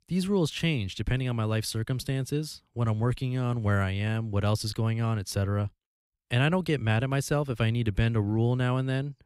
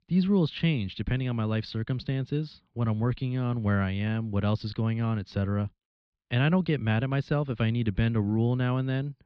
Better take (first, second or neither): first